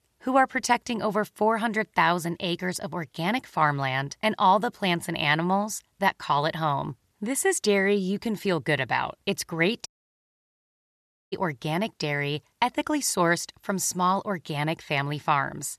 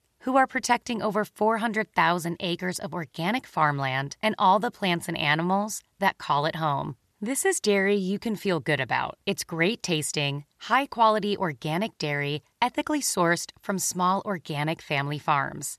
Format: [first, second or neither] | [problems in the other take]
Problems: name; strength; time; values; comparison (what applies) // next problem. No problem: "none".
second | audio cutting out; at 10 s for 1.5 s